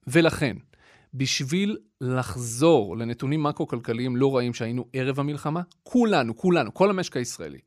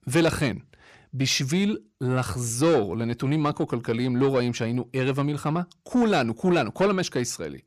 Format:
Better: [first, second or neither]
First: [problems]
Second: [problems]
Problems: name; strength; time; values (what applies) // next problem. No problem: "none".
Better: first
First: none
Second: distortion; slight; 10 dB below the speech